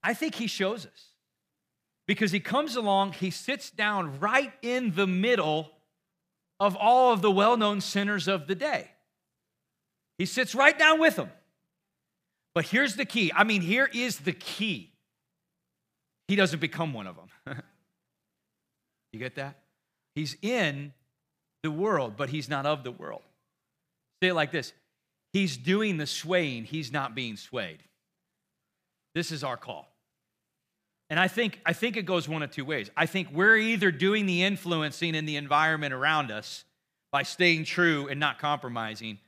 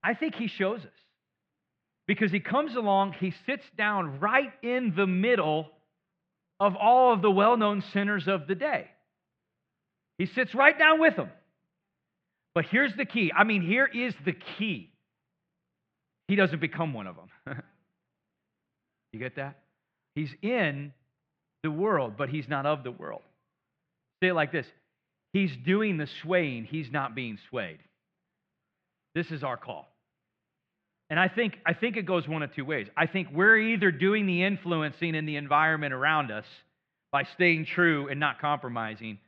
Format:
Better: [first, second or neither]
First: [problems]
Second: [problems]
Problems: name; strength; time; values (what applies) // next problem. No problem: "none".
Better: first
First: none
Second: muffled; very; fading above 3 kHz